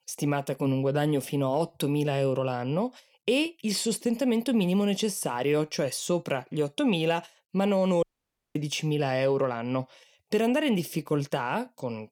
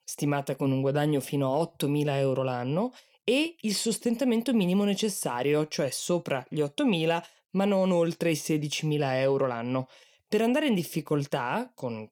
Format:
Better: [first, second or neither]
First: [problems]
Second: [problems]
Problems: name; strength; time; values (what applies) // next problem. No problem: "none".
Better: second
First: audio cutting out; at 8 s for 0.5 s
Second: none